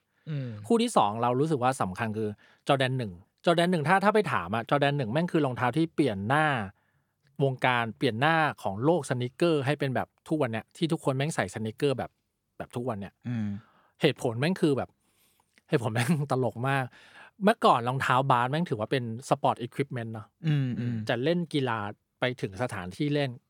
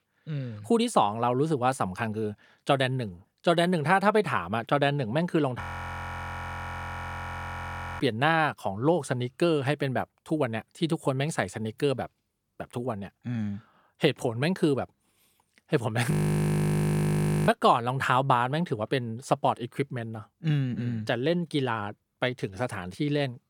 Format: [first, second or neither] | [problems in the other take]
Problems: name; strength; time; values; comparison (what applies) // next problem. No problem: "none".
first | audio freezing; at 5.5 s for 2.5 s and at 16 s for 1.5 s